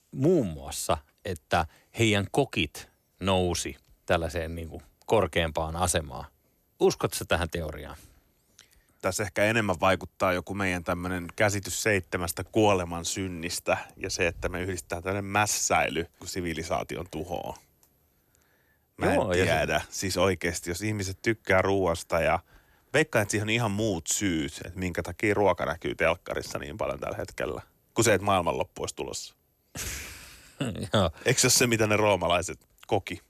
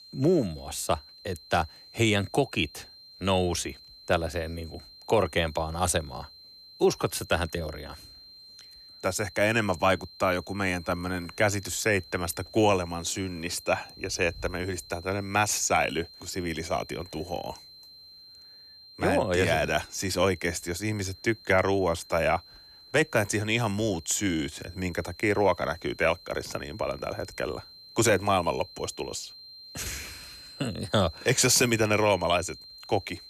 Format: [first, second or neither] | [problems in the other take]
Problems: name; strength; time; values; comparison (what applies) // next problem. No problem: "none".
first | high-pitched whine; noticeable; throughout; 4 kHz, 20 dB below the speech